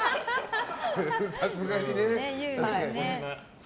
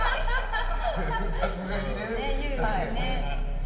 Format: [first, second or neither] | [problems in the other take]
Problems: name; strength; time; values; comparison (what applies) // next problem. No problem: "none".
first | background sound (Growling); 2 dB above the speech // room echo; dies away in 2.3 s